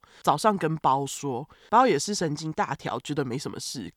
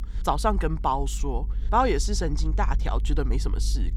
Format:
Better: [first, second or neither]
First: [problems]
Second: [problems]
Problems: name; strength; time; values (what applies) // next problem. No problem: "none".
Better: first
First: none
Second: low rumble; faint; throughout; 25 dB below the speech